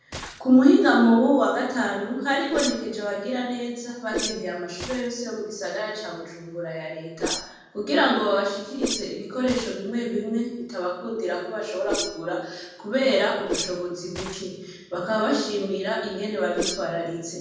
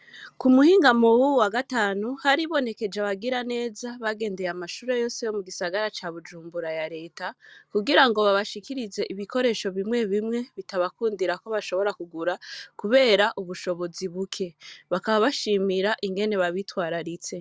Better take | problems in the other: second | background sound (Whoosh, swoosh, swish); 12 dB below the speech // room echo; dies away in 1.2 s

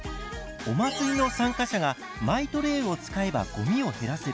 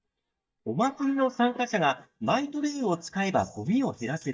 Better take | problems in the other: first | noise reduction (neural mask model DeepFilterNet 3)

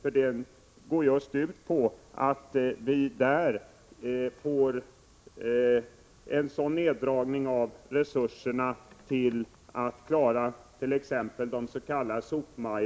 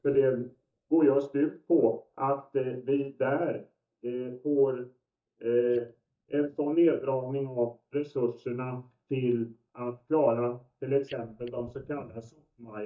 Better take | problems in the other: first | noise reduction (neural mask model DeepFilterNet 3)

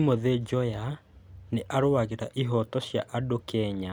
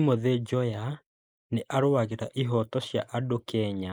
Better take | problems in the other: first | noise reduction (neural mask model Resemble Enhance denoiser)

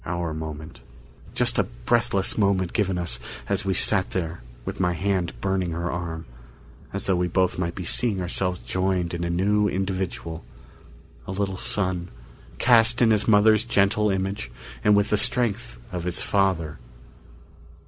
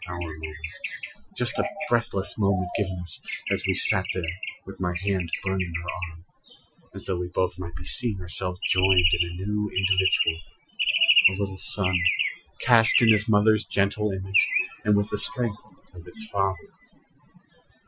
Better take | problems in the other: first | noise reduction (classical method Wiener filter)

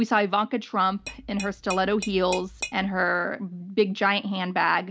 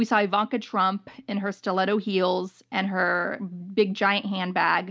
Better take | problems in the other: second | background sound (Tap / Glass); 13 dB below the speech

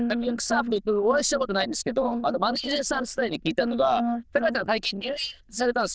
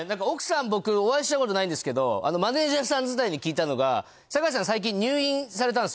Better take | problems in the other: second | noise reduction (neural diffusion model UNIVERSE++)

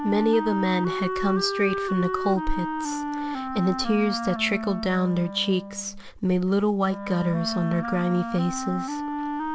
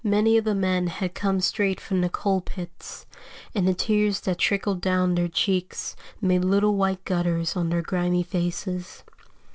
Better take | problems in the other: second | background sound (Wind instrument, woodwind instrument); 5 dB below the speech

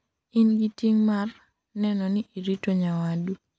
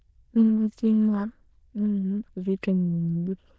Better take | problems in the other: first | noise reduction (neural diffusion model UNIVERSE++)

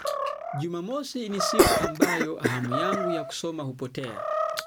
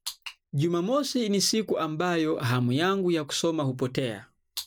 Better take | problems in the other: second | background sound (Cough + Animal); 4 dB above the speech

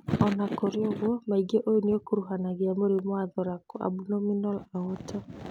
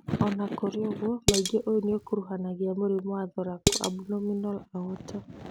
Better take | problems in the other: first | background sound (Dishes, pots, and pans); as loud as the speech

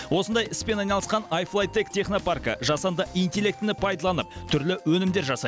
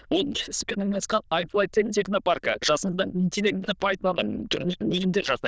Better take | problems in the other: first | noise reduction (neural diffusion model UNIVERSE++)

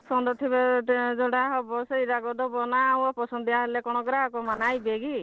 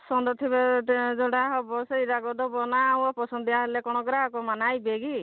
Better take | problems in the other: second | noise reduction (neural separator model SepFormer DNS4)

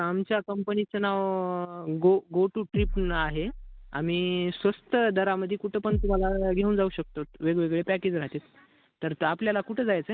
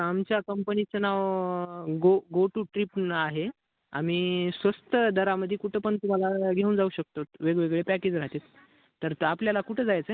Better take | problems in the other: second | background sound (Bass drum); 7 dB below the speech

